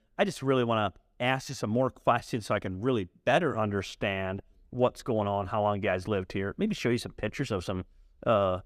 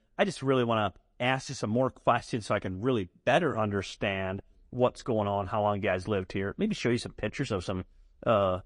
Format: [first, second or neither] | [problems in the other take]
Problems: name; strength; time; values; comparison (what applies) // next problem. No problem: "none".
first | garbled, watery; slightly; nothing above 10.5 kHz